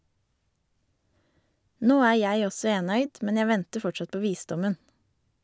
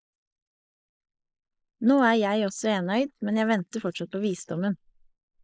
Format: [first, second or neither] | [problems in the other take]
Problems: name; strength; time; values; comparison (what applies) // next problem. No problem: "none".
first | noise reduction (neural mask model Resemble Enhance denoiser)